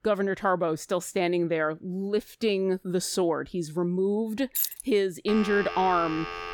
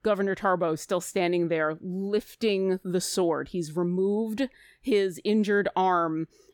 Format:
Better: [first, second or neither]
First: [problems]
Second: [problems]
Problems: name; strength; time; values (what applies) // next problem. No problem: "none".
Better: second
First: jangling keys; noticeable; at 4.5 s; peak 1 dB below the speech // phone ringing; noticeable; from 5.5 s on; peak 7 dB below the speech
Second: none